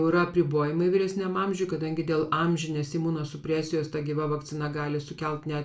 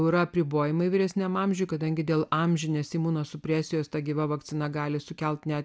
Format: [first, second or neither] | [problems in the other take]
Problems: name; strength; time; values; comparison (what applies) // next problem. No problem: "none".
second | room echo; dies away in 0.3 s